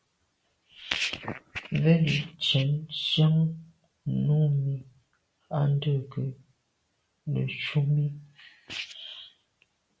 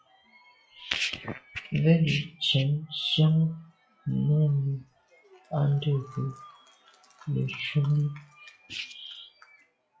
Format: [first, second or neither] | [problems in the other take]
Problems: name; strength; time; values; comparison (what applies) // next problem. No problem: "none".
first | noise reduction (classical method log-MMSE)